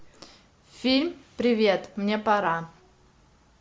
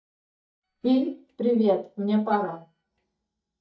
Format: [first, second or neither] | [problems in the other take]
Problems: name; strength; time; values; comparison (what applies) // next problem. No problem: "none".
first | noise reduction (neural mask model DeepFilterNet 3)